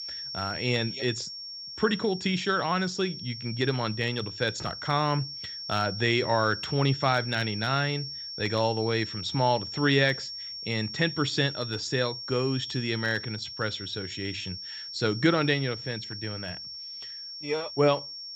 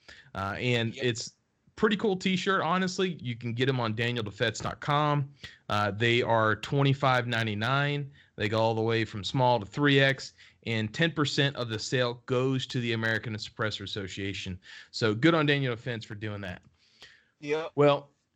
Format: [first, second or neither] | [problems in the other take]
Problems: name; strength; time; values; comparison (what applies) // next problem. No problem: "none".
second | high-pitched whine; loud; throughout; 5.5 kHz, 8 dB below the speech